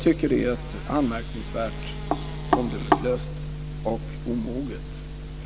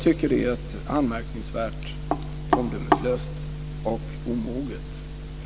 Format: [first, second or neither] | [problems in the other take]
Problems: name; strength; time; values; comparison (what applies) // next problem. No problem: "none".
second | background sound (Bowed string instrument + Fart); 20 dB below the speech